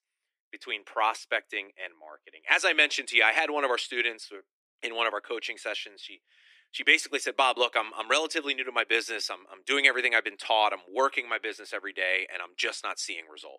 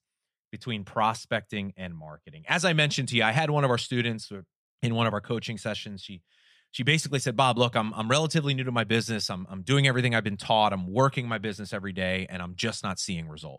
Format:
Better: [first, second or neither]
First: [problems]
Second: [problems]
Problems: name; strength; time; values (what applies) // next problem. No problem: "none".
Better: second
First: thin; very; fading below 300 Hz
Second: none